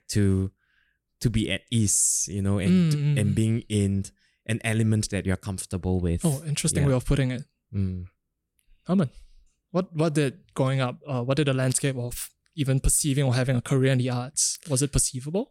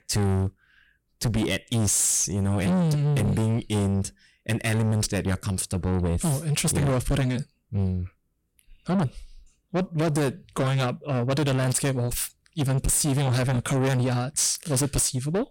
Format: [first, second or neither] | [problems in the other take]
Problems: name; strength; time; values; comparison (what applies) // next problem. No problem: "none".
first | distortion; heavy; 7 dB below the speech